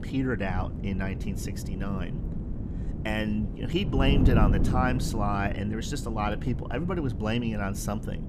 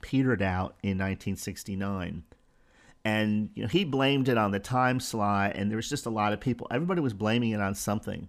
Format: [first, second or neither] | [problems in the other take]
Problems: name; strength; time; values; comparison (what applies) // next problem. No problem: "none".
second | wind noise on the microphone; heavy; 8 dB below the speech